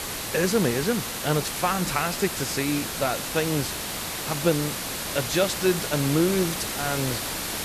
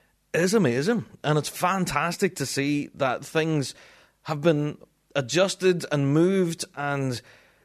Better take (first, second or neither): second